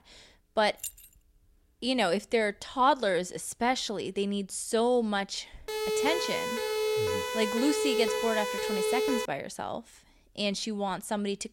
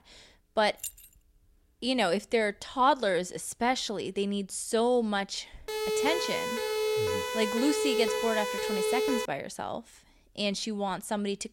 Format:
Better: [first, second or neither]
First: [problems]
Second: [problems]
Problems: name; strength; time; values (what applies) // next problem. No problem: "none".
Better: neither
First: jangling keys; noticeable; at 1 s; peak 9 dB below the speech // siren; loud; from 5.5 to 9.5 s; peak 1 dB above the speech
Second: jangling keys; noticeable; at 1 s; peak 9 dB below the speech // siren; loud; from 5.5 to 9.5 s; peak 1 dB above the speech